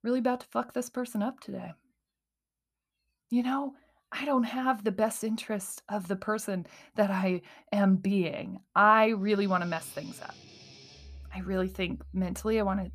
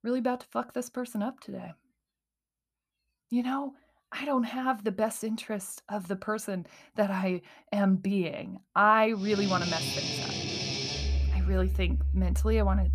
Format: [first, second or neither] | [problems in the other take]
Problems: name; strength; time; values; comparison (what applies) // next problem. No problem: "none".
first | background music; loud; from 9.5 s on; as loud as the speech; faint in the first